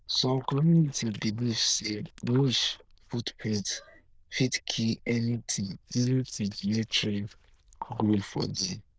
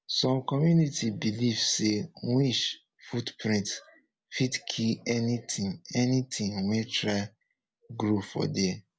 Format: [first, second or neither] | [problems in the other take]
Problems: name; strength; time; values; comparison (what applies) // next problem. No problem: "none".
second | noise reduction (neural diffusion model UNIVERSE++)